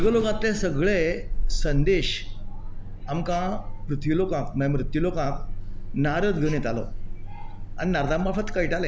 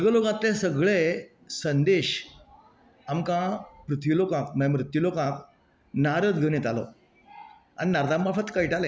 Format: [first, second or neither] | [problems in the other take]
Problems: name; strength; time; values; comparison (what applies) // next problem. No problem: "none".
second | background sound (Alarm); 1 dB below the speech